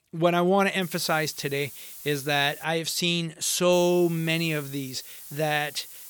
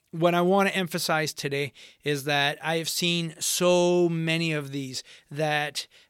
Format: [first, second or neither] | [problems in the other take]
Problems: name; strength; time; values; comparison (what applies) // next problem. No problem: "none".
second | hiss; noticeable; from 1 to 2.5 s and from 3.5 s on; 15 dB below the speech